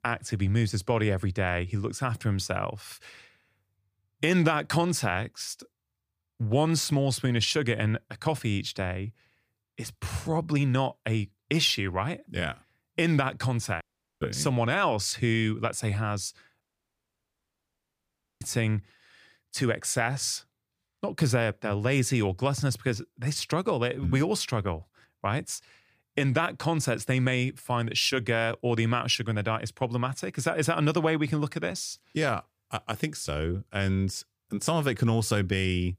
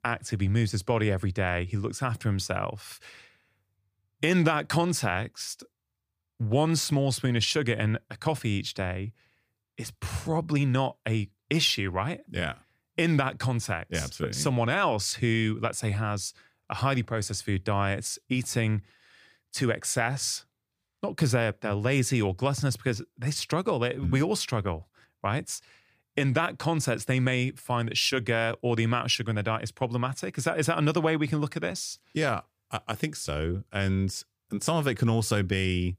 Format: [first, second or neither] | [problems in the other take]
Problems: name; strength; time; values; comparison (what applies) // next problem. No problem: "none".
second | audio cutting out; at 14 s and at 17 s for 2 s